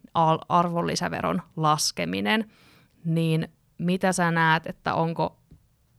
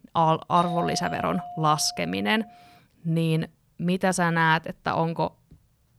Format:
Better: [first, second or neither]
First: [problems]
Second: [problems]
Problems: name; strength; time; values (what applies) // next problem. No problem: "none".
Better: first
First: none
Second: doorbell; noticeable; from 0.5 to 2.5 s; peak 7 dB below the speech